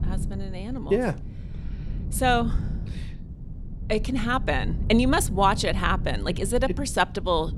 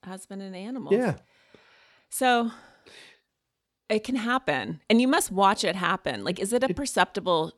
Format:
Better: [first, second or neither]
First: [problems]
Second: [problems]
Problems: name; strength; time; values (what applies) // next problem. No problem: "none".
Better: second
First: low rumble; faint; throughout; 20 dB below the speech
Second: none